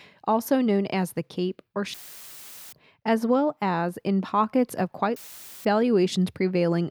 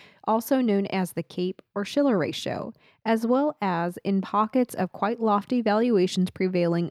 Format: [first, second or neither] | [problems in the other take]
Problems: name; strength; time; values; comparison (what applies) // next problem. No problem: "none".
second | audio cutting out; filled with static; at 2 s for 1 s and at 5 s